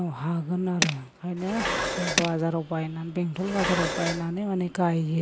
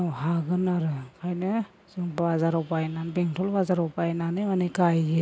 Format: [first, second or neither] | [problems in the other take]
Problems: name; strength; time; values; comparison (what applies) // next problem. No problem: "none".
second | background sound (Tools + Dishes, pots, and pans); 4 dB below the speech